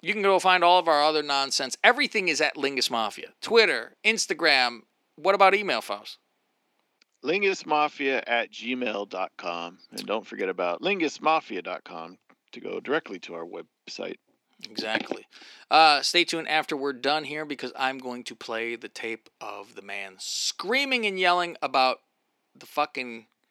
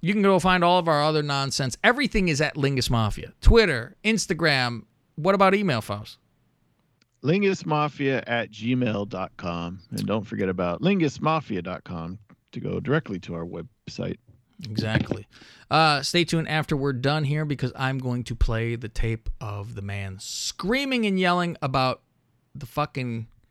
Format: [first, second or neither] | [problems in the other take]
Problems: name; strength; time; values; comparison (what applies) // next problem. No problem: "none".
second | thin; somewhat; fading below 300 Hz